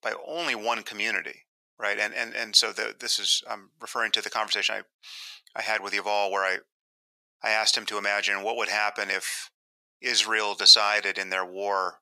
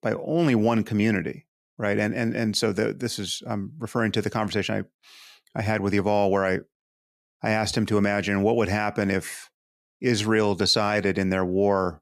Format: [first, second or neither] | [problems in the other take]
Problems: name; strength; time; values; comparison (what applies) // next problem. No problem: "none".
second | thin; very; fading below 950 Hz